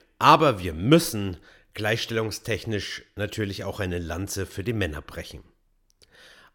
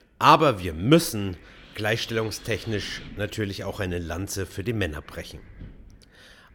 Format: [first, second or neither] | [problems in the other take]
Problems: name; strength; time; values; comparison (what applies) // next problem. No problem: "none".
first | wind noise on the microphone; occasional gusts; 25 dB below the speech